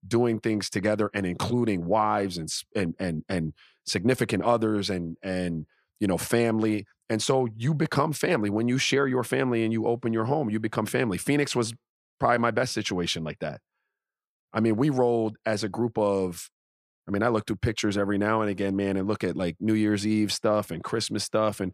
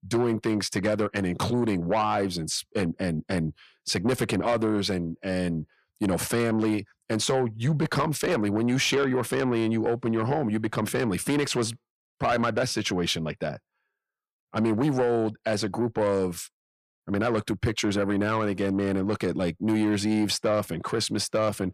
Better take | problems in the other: first | distortion; slight; 10 dB below the speech

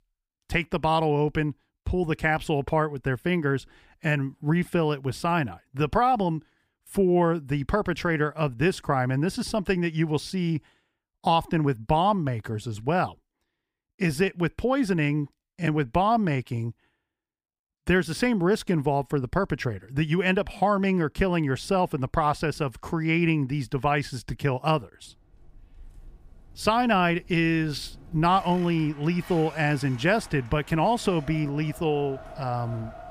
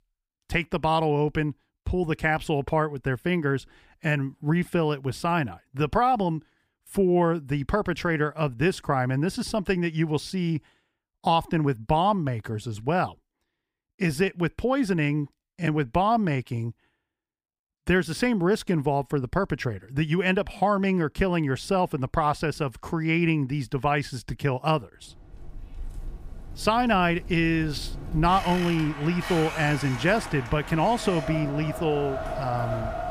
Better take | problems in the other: first | wind in the background; loud; from 25 s on; 10 dB below the speech; faint in the first

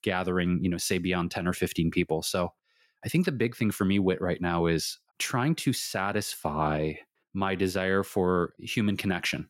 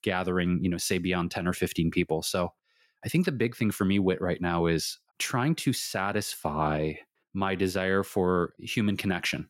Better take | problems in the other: neither | none

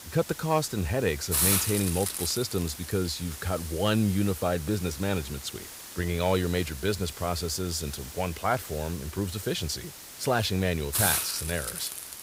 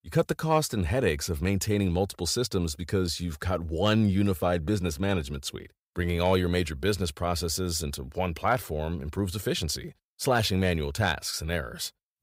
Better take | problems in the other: second | hiss; loud; throughout; 4 dB below the speech

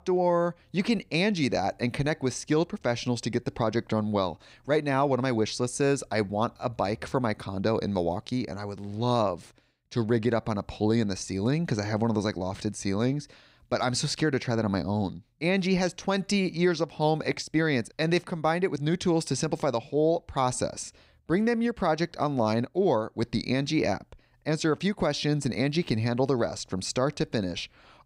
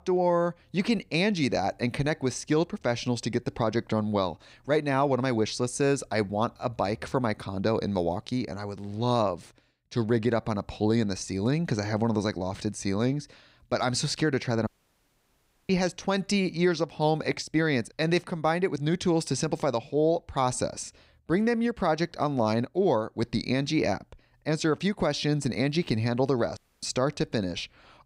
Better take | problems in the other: first | audio cutting out; at 15 s for 1 s and at 27 s

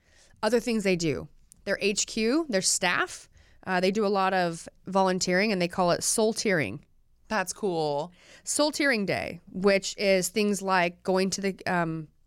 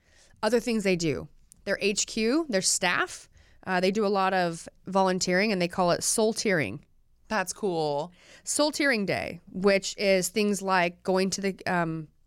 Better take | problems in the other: neither | none

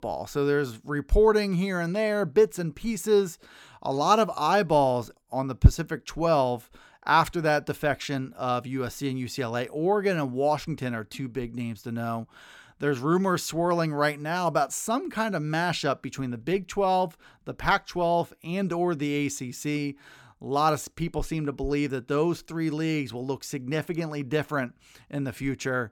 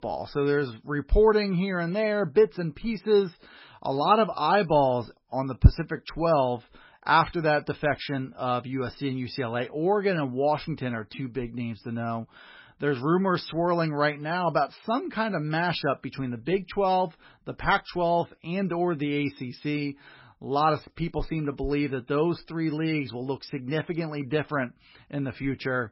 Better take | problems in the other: first | garbled, watery; badly; nothing above 5.5 kHz

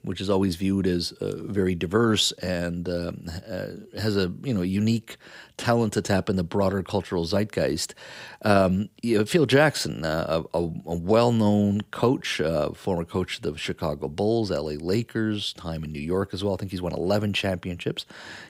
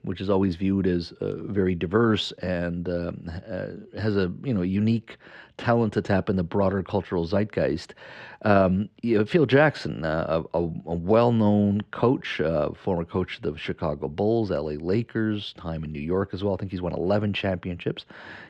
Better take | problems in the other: first | muffled; slightly; fading above 2.5 kHz

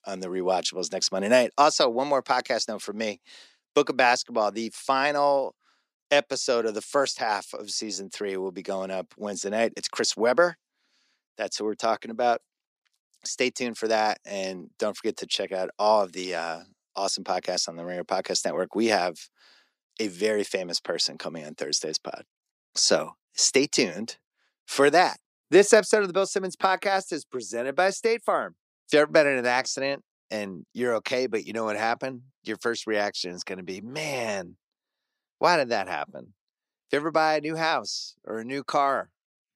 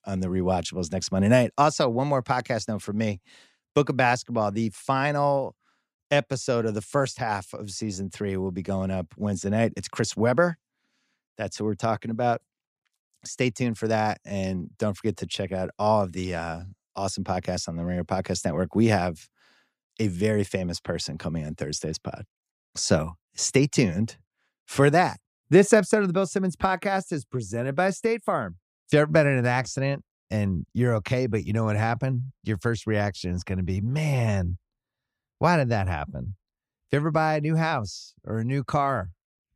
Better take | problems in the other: second | thin; somewhat; fading below 300 Hz

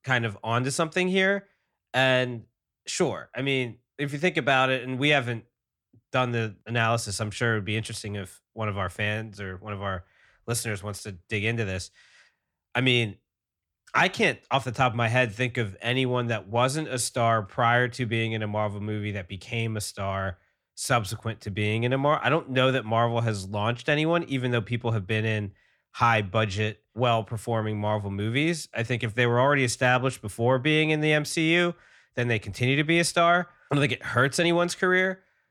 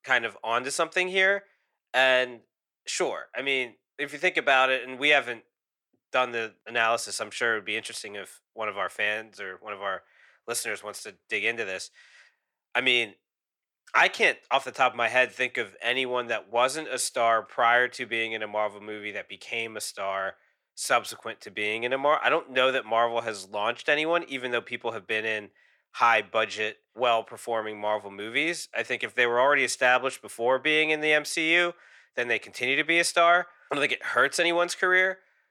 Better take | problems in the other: first | thin; very; fading below 500 Hz

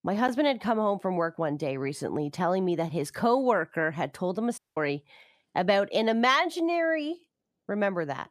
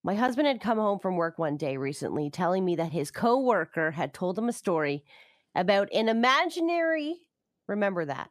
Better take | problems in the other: second | audio cutting out; at 4.5 s

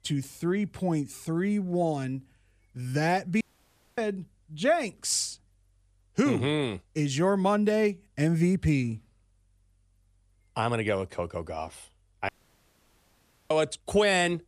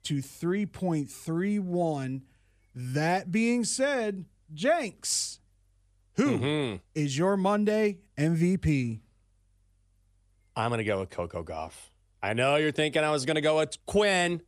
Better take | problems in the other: second | audio cutting out; at 3.5 s for 0.5 s and at 12 s for 1 s

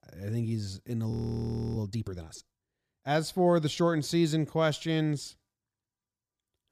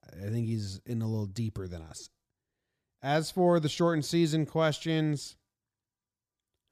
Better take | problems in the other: second | audio freezing; at 1 s for 0.5 s

